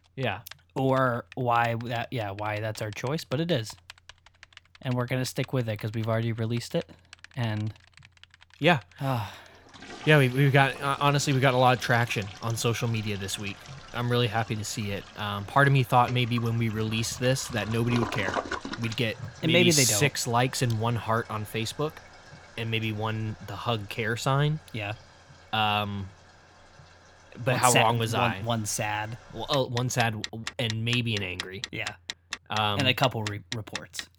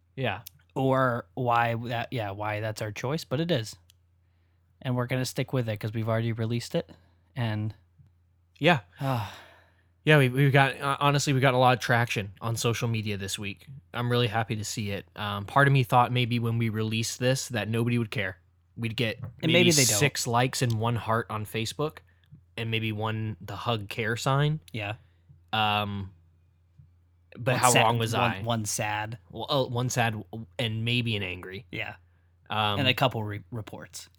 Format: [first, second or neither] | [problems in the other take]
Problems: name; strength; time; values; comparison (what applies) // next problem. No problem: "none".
second | household noises; noticeable; throughout; 15 dB below the speech